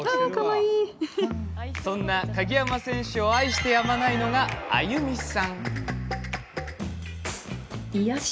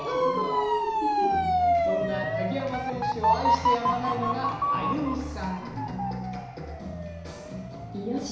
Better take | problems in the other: first | background sound (Motor vehicle (road) / Siren); 3 dB above the speech // room echo; dies away in 1 s

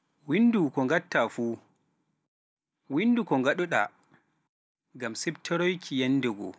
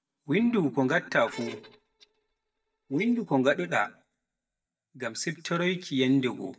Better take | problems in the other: first | noise reduction (neural mask model DeepFilterNet 3)

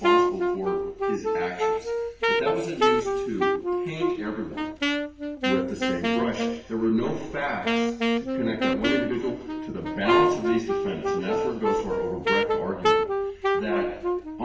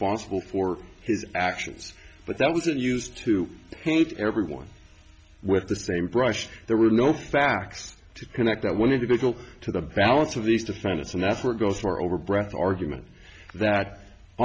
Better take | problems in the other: second | background sound (Wind instrument, woodwind instrument); 5 dB above the speech // room echo; dies away in 1 s

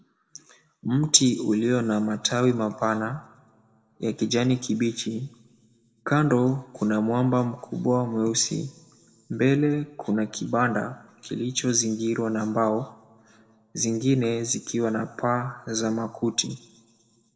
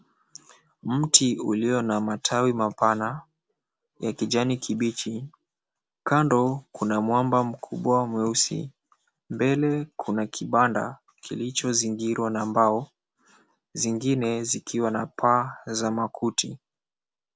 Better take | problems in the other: second | room echo; dies away in 0.8 s

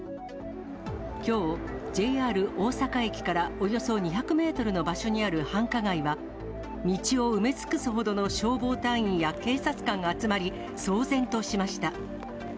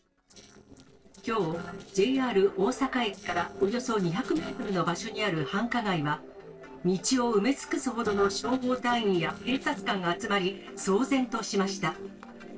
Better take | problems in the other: first | noise reduction (neural separator model SepFormer DNS4)

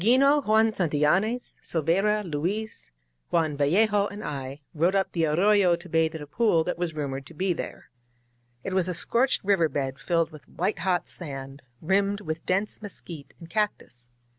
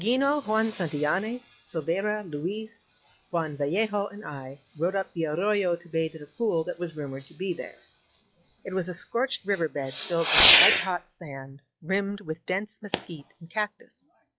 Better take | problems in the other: first | noise reduction (classical method log-MMSE)

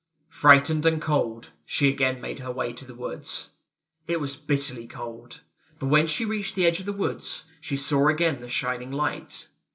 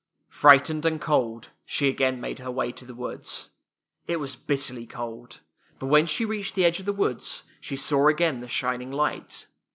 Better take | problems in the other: second | room echo; dies away in 0.2 s

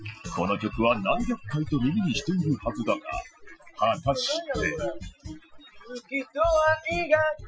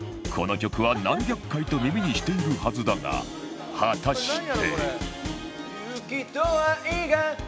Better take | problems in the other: second | noise reduction (classical method Wiener filter)

